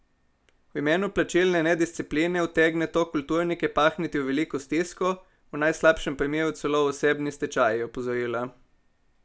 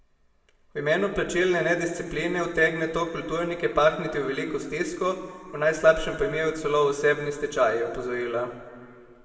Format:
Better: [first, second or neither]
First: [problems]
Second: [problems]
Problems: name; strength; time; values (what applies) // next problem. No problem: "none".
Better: first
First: none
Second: room echo; dies away in 1.8 s